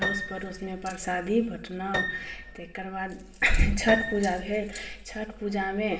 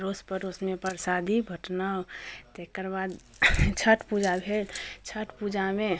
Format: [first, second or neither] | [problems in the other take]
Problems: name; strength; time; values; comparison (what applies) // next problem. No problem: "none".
second | background sound (Piano); 8 dB below the speech // room echo; dies away in 0.9 s